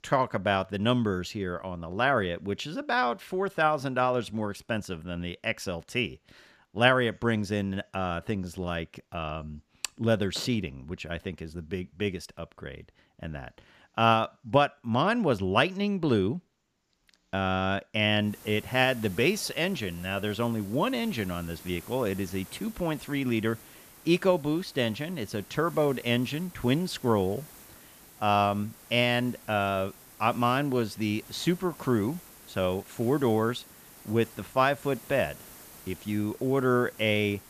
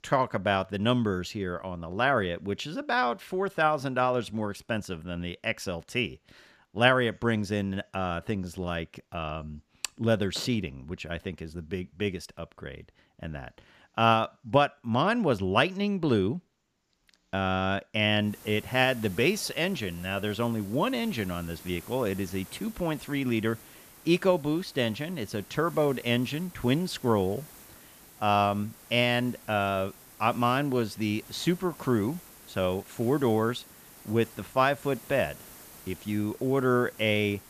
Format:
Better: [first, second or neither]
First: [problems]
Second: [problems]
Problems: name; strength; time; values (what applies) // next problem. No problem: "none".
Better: neither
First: hiss; noticeable; from 18 s on; 20 dB below the speech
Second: hiss; noticeable; from 18 s on; 20 dB below the speech